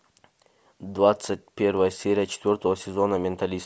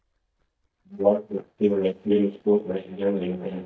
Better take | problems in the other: first | noise reduction (neural mask model DeepFilterNet 3)

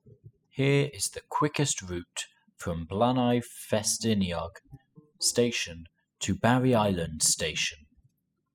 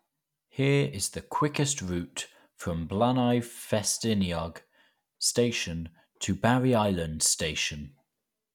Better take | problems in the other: second | noise reduction (classical method spectral subtraction)

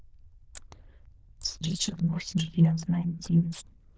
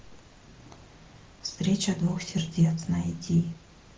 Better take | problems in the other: second | noise reduction (neural diffusion model UNIVERSE++)

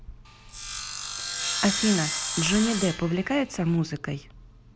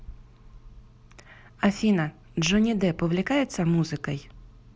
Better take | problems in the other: second | background sound (Sawing); 4 dB below the speech

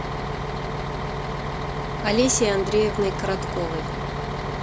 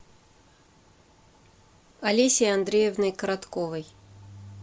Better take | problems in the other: second | background sound (Bus); 1 dB below the speech

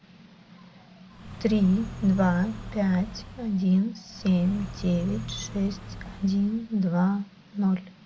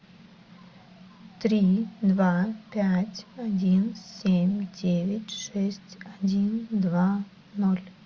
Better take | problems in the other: second | background sound (Car); 12 dB below the speech

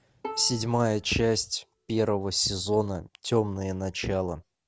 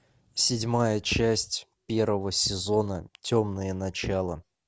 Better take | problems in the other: second | background sound (Bowed string instrument); 17 dB below the speech

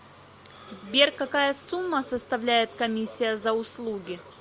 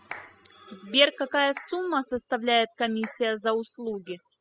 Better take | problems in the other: first | noise reduction (classical method spectral subtraction)

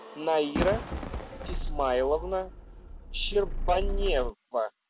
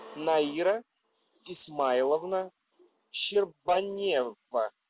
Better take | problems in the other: second | background sound (Motor vehicle (road) + Fireworks); 2 dB below the speech

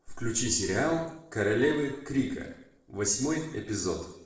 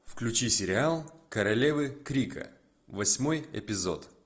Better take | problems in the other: second | noise reduction (neural separator model SepFormer DNS4)

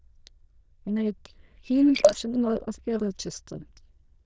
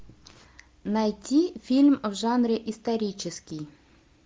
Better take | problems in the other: second | noise reduction (neural diffusion model UNIVERSE++)

